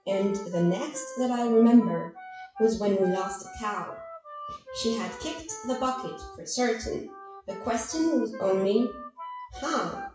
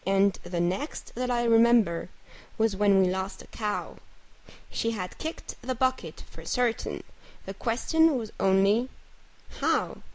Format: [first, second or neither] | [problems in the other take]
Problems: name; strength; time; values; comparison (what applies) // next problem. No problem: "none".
second | noise reduction (classical method WPE with log-MMSE)